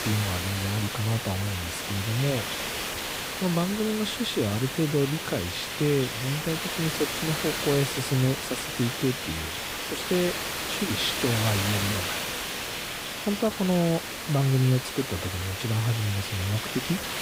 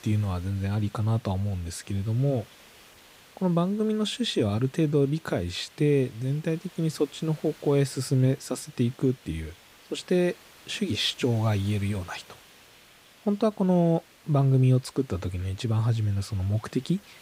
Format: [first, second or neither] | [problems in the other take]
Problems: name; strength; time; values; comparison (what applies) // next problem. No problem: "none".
second | hiss; loud; throughout; 2 dB below the speech; faint in the second